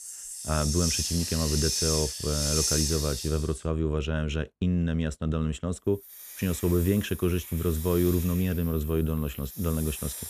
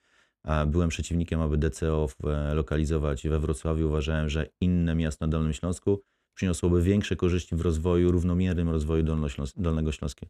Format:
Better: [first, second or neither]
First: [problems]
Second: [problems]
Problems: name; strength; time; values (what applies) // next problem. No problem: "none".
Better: second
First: hiss; loud; throughout; 2 dB below the speech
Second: none